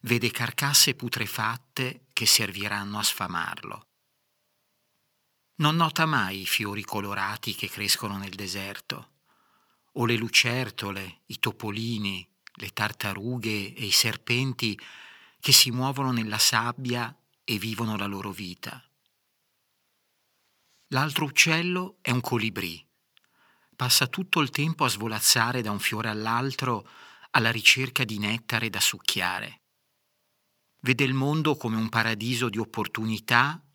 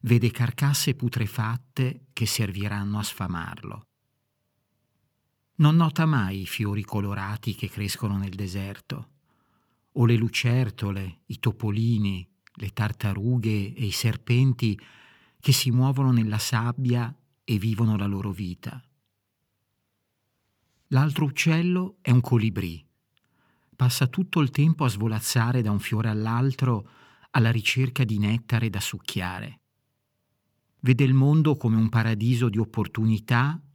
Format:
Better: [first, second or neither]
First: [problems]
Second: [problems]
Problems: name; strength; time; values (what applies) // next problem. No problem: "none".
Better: second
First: thin; somewhat; fading below 850 Hz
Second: none